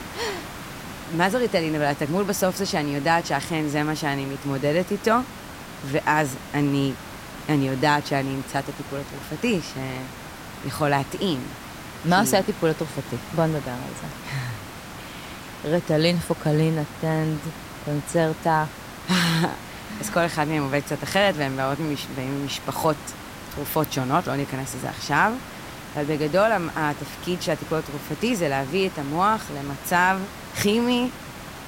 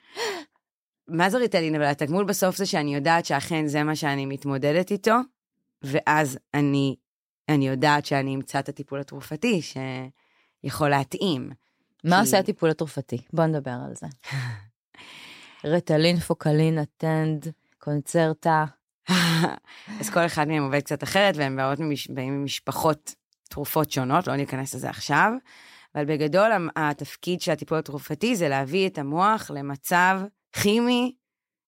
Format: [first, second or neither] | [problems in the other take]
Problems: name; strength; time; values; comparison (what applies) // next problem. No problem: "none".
second | hiss; noticeable; throughout; 15 dB below the speech